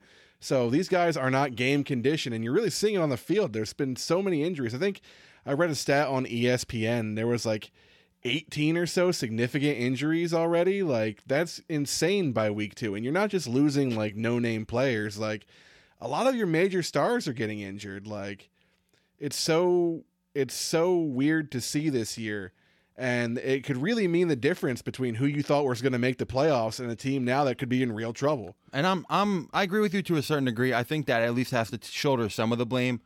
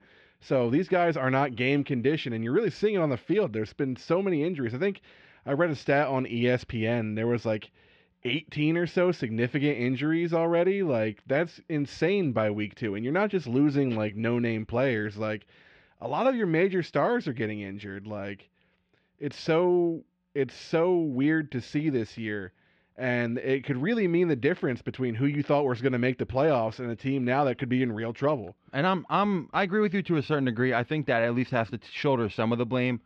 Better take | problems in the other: first | muffled; slightly; fading above 3 kHz

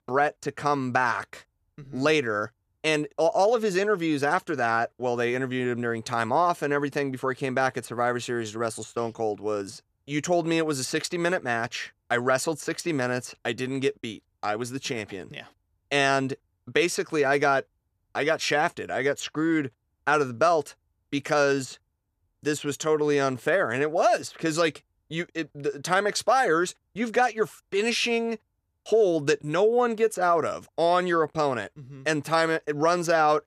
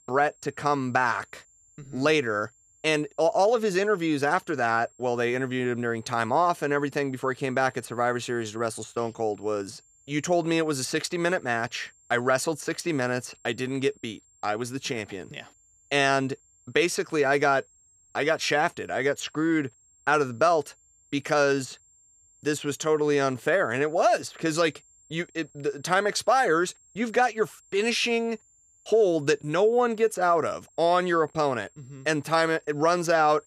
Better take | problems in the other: first | high-pitched whine; faint; throughout; 7.5 kHz, 30 dB below the speech

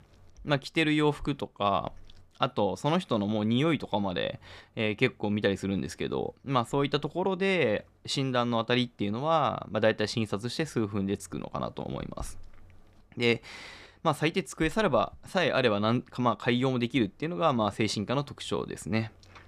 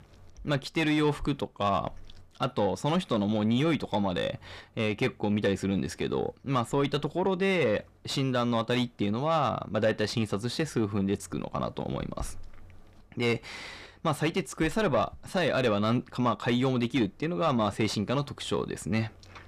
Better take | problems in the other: first | distortion; slight; 10 dB below the speech

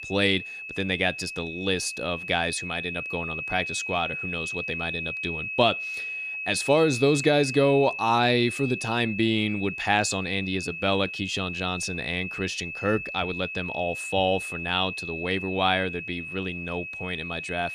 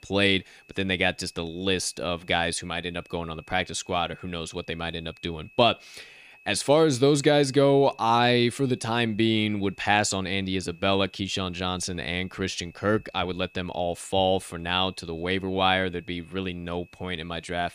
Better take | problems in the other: second | high-pitched whine; loud; throughout; 2.5 kHz, 6 dB below the speech; faint in the second

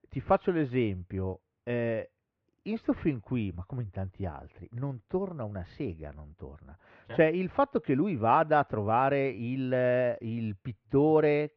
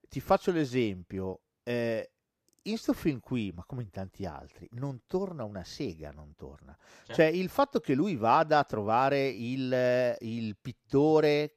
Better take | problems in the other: second | muffled; very; fading above 3 kHz

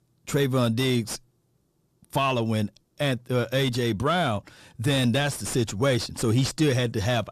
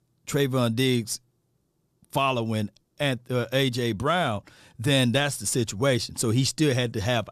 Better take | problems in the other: second | distortion; slight; 10 dB below the speech

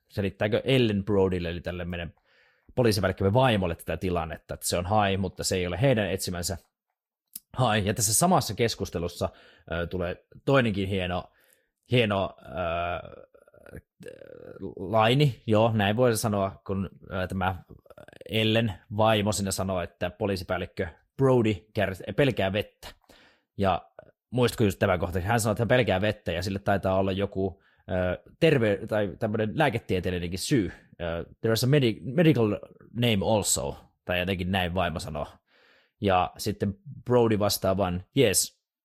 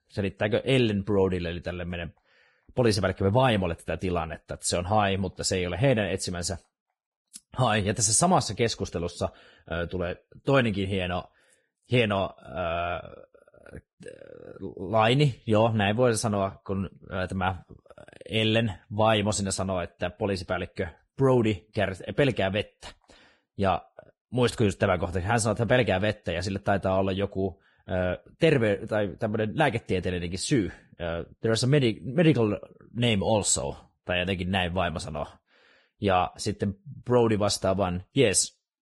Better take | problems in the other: first | garbled, watery; badly; slightly in the first

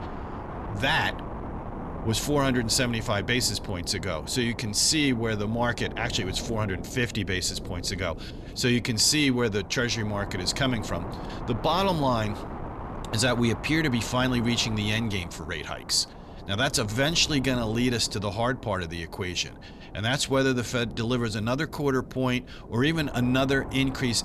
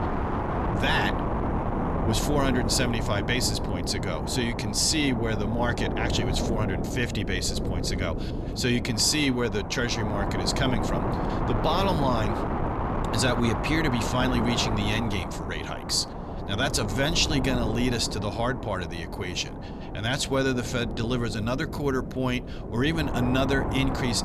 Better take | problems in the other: first | wind noise on the microphone; heavy; 5 dB below the speech; occasional gusts in the first

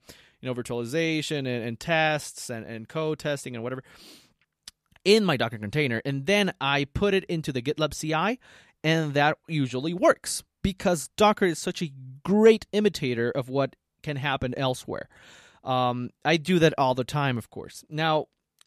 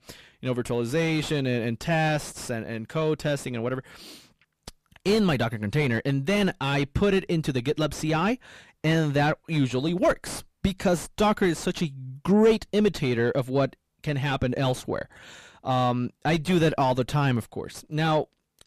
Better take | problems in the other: first | distortion; heavy; 6 dB below the speech

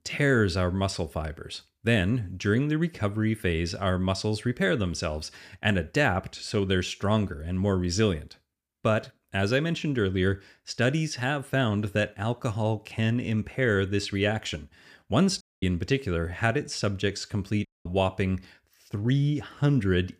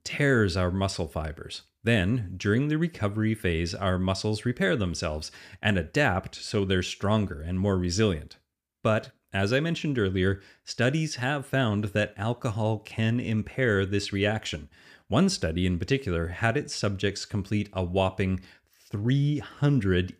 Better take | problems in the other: second | audio cutting out; at 15 s and at 18 s

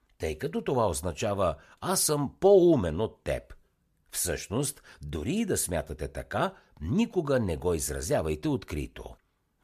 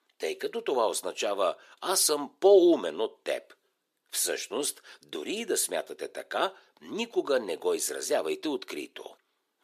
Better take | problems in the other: first | thin; somewhat; fading below 350 Hz

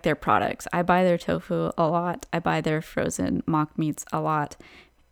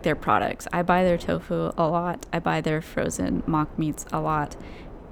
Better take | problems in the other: first | wind noise on the microphone; occasional gusts; 20 dB below the speech

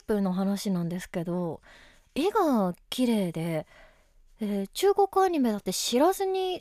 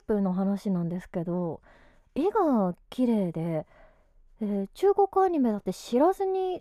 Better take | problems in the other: first | muffled; slightly; fading above 2 kHz

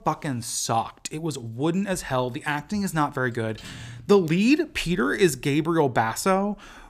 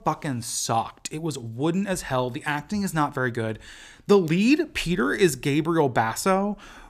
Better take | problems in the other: second | door banging; faint; at 3.5 s; peak 15 dB below the speech

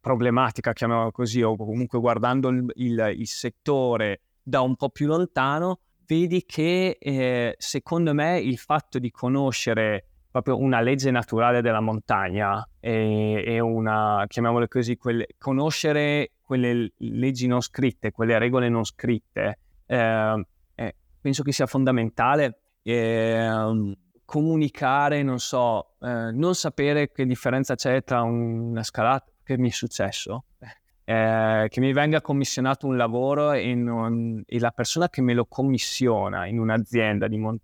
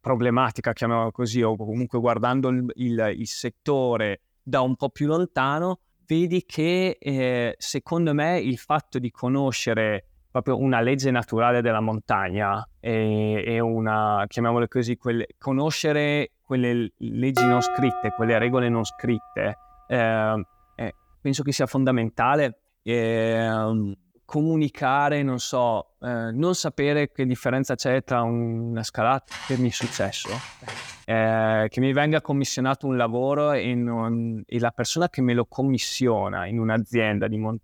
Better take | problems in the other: first | clattering dishes; loud; from 17 to 19 s; peak 2 dB above the speech // footsteps; faint; from 29 to 31 s; peak 10 dB below the speech

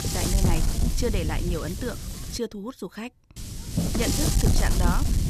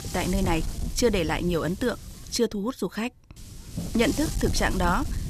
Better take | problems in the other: second | wind noise on the microphone; heavy; until 2.5 s and from 3.5 s on; 1 dB above the speech; occasional gusts in the second

